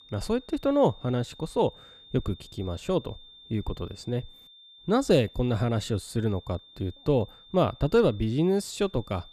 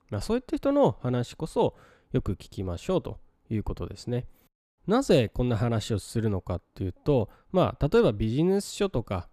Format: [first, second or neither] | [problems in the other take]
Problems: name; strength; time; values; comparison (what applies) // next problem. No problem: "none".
second | high-pitched whine; faint; throughout; 3.5 kHz, 20 dB below the speech